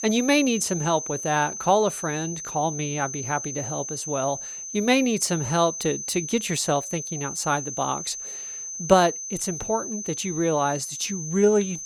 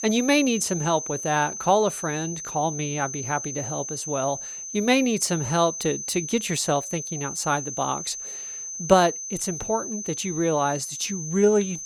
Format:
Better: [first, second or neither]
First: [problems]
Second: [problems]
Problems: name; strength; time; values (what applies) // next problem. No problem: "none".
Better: neither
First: high-pitched whine; loud; throughout; 6 kHz, 7 dB below the speech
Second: high-pitched whine; loud; throughout; 6 kHz, 7 dB below the speech